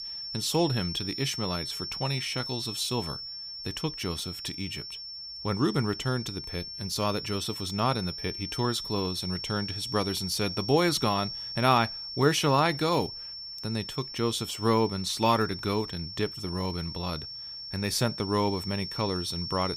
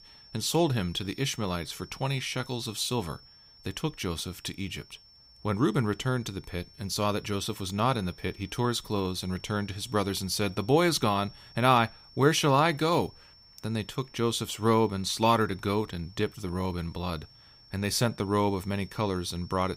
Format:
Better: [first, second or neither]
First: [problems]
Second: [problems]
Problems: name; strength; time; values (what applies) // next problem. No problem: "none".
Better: second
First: high-pitched whine; loud; throughout; 5.5 kHz, 6 dB below the speech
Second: high-pitched whine; faint; throughout; 5.5 kHz, 25 dB below the speech